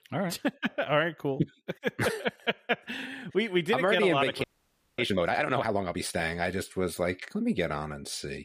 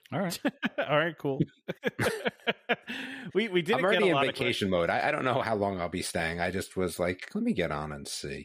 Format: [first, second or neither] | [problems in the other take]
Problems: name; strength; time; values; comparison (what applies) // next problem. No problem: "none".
second | audio freezing; at 4.5 s for 0.5 s